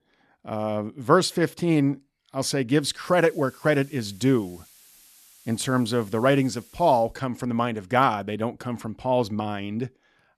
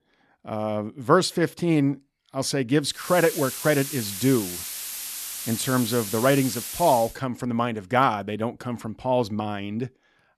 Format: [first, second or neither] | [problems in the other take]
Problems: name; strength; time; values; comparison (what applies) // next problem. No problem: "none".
first | hiss; loud; from 3 to 7 s; 7 dB below the speech; faint in the first